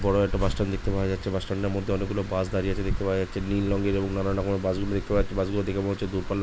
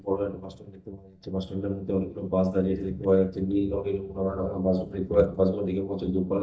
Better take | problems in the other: first | noise reduction (neural mask model DeepFilterNet 3)

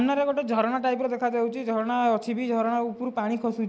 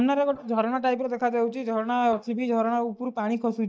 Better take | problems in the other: first | noise reduction (neural mask model DeepFilterNet 3)

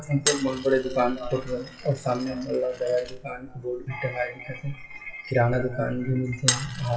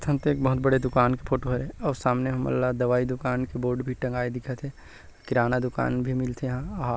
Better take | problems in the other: second | noise reduction (classical method WPE with log-MMSE)

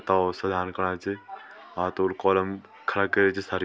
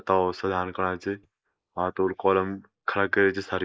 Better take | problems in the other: first | noise reduction (neural mask model Resemble Enhance denoiser)

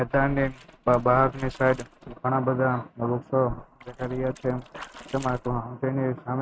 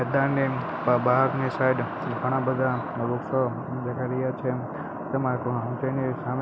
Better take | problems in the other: second | noise reduction (neural mask model RNNoise)

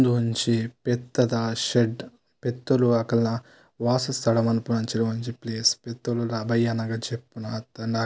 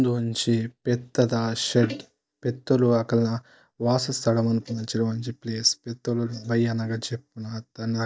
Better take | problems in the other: first | noise reduction (neural mask model DeepFilterNet 3)

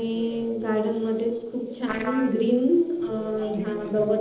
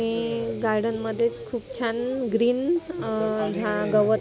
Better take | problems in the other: second | noise reduction (neural separator model SepFormer DNS4)

